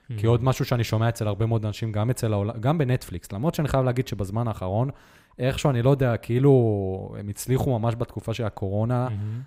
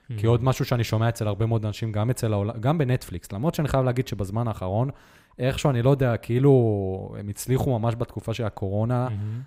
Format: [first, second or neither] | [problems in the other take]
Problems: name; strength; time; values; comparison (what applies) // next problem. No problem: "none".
neither | none